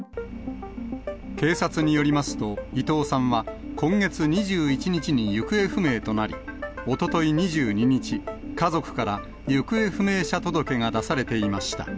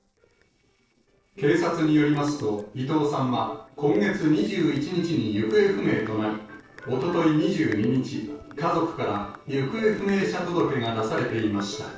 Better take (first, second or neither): first